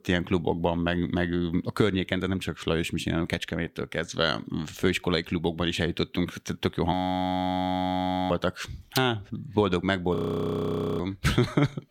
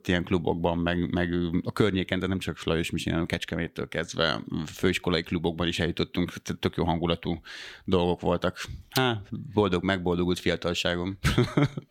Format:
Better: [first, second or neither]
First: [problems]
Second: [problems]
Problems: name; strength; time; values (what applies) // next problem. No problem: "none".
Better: second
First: audio freezing; at 7 s for 1.5 s and at 10 s for 1 s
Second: none